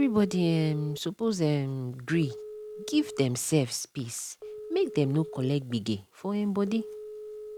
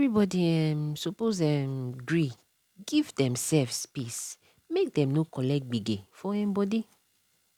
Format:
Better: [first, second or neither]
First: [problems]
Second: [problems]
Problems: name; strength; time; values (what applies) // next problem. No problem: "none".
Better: second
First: background sound (Telephone); 14 dB below the speech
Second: none